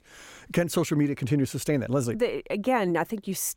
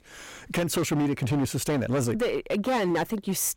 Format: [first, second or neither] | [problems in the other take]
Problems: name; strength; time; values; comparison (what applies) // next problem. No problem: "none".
first | distortion; heavy; 17% of the sound clipped